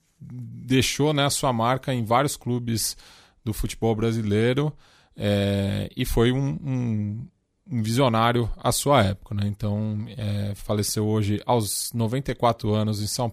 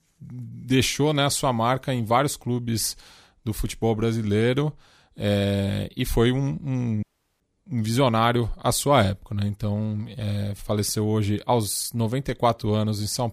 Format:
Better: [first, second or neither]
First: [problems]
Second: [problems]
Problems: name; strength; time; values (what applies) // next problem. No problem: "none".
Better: first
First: none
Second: audio cutting out; at 7 s